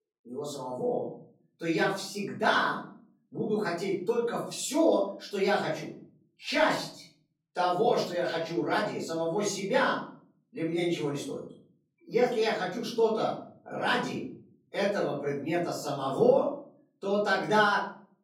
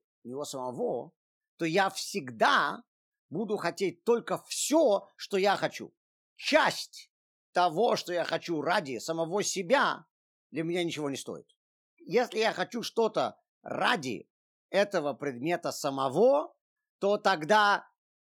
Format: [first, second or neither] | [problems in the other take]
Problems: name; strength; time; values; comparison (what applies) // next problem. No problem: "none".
second | off-mic speech; far // room echo; noticeable; dies away in 0.5 s